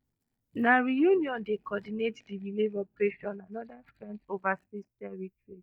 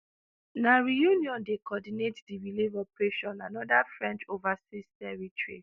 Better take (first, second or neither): second